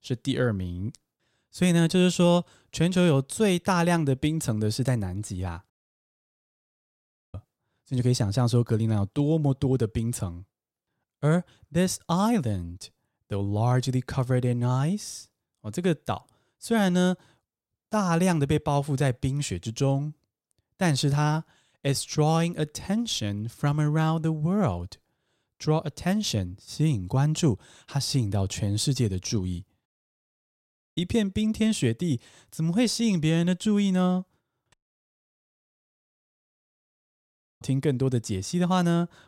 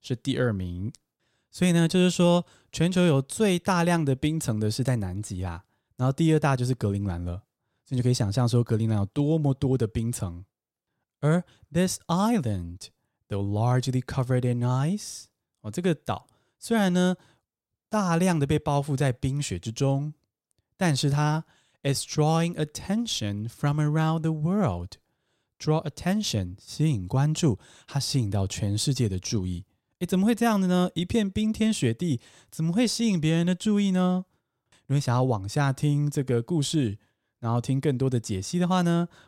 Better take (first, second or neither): second